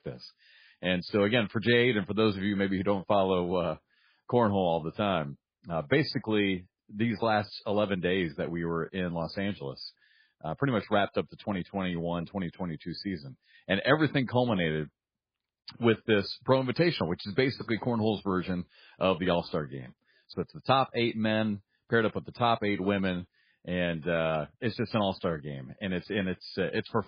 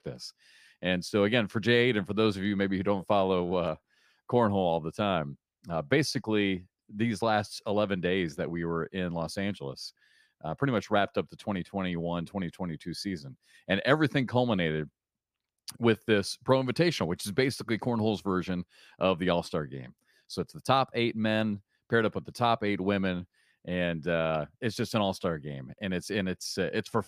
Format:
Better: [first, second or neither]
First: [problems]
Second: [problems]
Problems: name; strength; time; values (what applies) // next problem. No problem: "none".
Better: second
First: garbled, watery; badly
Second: none